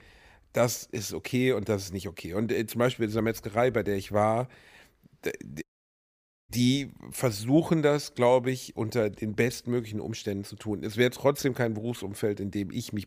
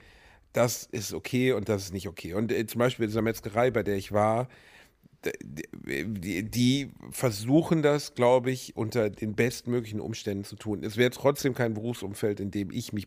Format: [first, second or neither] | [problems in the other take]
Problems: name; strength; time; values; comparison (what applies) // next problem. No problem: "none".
second | audio cutting out; at 5.5 s for 1 s